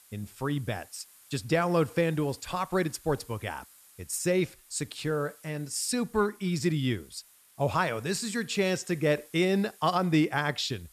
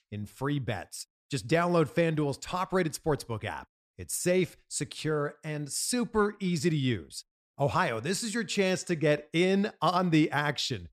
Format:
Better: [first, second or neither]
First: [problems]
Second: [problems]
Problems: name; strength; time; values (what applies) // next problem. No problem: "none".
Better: second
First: hiss; faint; throughout; 25 dB below the speech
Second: none